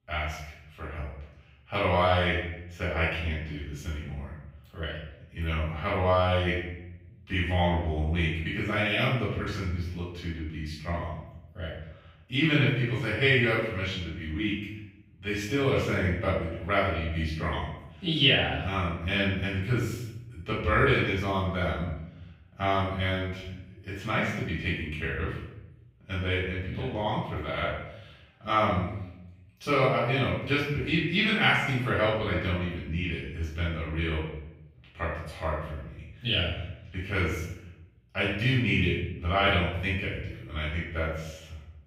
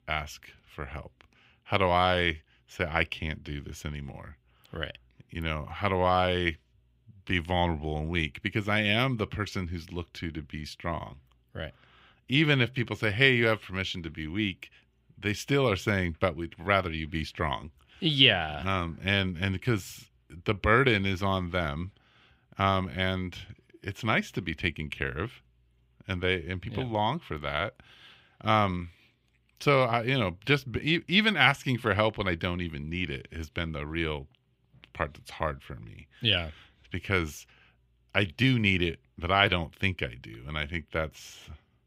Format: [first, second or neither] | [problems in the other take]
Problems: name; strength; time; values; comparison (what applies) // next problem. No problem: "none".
second | off-mic speech; far // room echo; noticeable; dies away in 0.7 s